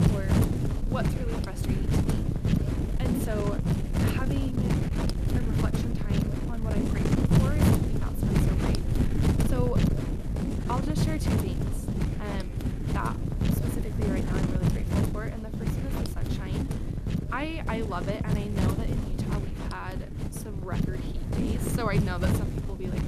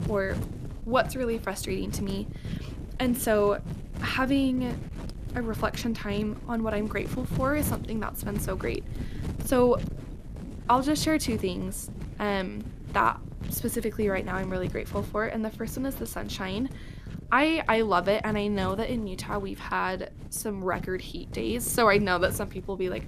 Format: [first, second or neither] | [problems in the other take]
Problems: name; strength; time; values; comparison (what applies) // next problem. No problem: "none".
second | wind noise on the microphone; heavy; 2 dB above the speech; occasional gusts in the second